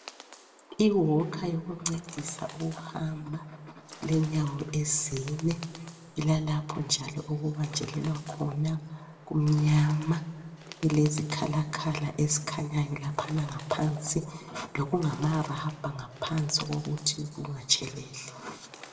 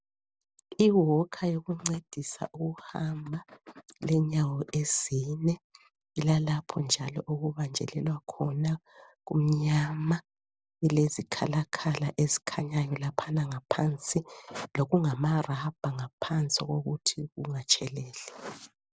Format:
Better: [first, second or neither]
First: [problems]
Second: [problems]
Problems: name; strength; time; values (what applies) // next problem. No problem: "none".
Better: second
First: background sound (Bird); 19 dB below the speech // room echo; dies away in 1.2 s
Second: none